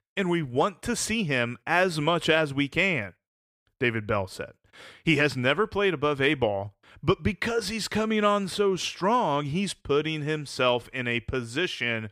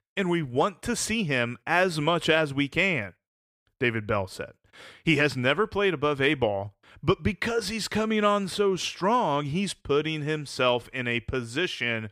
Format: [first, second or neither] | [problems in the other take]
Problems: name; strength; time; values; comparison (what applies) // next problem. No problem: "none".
neither | none